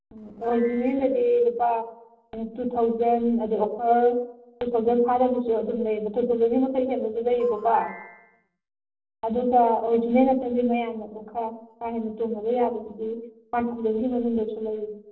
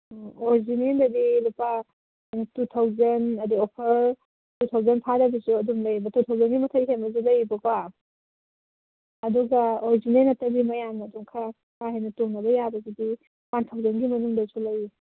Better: second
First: noise reduction (neural separator model SepFormer DNS4)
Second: none

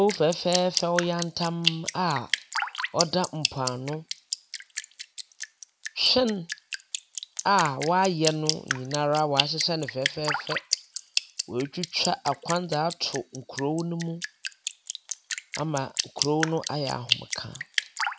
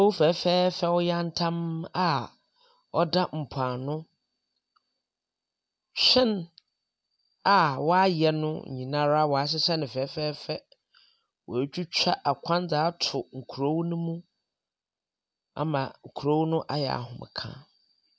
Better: second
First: background sound (Drip); 5 dB below the speech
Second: none

